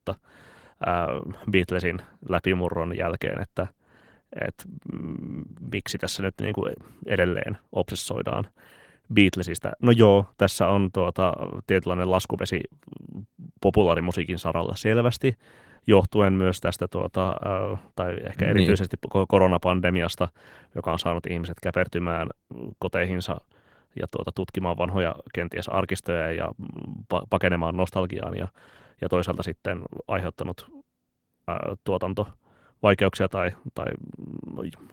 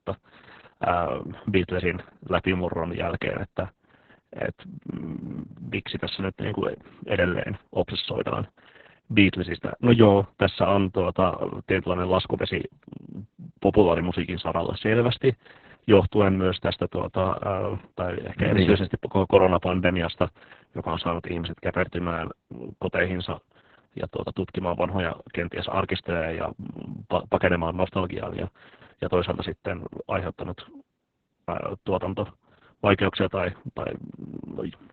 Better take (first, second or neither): first